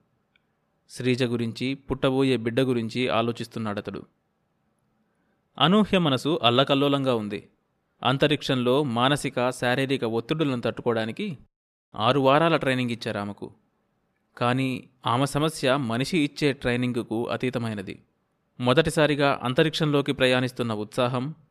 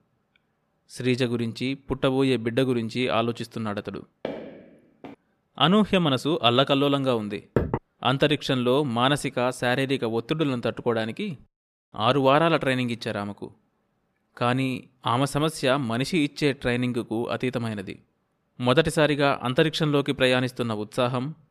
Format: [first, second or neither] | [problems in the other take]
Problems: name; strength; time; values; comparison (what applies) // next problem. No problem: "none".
first | footsteps; faint; at 4 s; peak 10 dB below the speech // door banging; noticeable; at 7.5 s; peak 3 dB below the speech